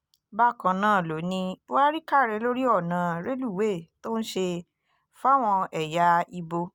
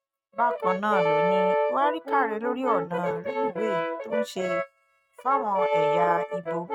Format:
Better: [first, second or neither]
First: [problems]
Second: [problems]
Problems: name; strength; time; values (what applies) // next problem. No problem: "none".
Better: first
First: none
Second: noise reduction (neural mask model RNNoise)